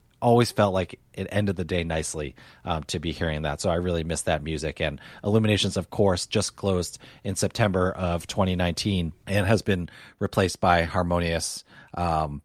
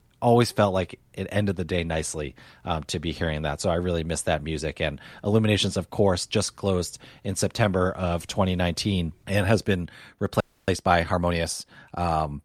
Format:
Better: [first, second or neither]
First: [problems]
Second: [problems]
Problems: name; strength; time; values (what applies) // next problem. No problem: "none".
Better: first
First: none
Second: audio freezing; at 10 s